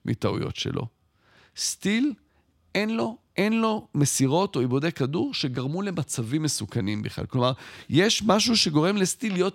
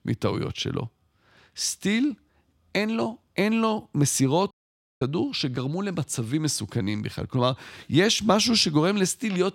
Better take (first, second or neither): first